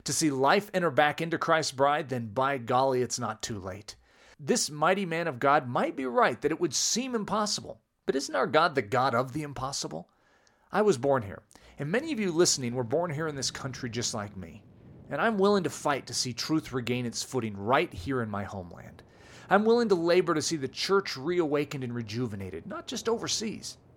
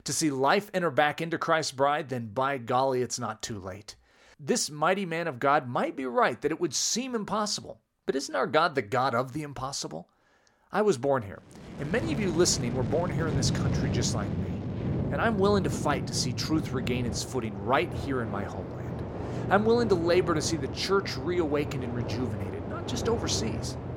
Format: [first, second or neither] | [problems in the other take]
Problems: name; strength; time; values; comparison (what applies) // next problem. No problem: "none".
first | train or aircraft noise; loud; from 12 s on; 5 dB below the speech; faint in the first